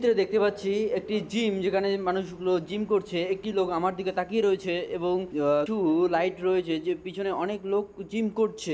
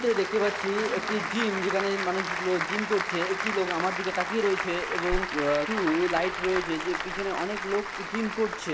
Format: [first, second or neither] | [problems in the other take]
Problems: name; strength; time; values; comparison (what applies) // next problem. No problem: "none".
first | background sound (Applause); 3 dB below the speech